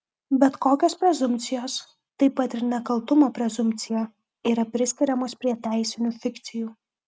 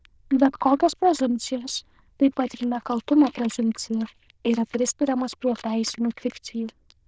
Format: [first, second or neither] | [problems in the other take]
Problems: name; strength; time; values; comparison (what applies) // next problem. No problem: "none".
first | noise reduction (neural diffusion model UNIVERSE++)